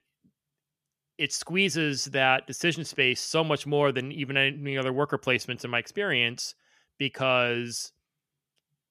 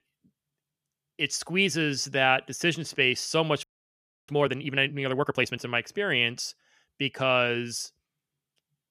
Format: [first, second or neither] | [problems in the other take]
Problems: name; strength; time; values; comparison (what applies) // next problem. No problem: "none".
first | audio freezing; at 3.5 s for 0.5 s